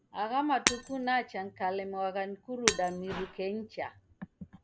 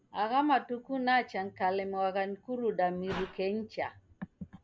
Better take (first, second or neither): second